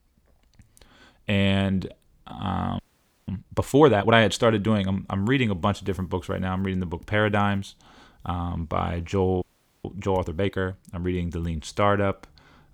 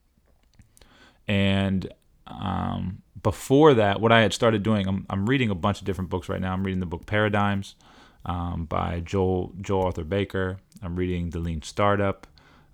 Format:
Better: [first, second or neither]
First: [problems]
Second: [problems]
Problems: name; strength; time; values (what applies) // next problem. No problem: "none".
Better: second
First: audio freezing; at 3 s and at 9.5 s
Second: none